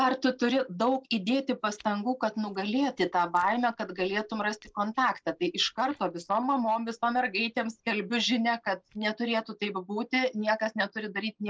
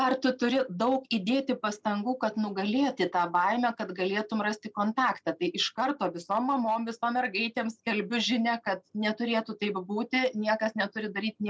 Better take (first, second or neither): second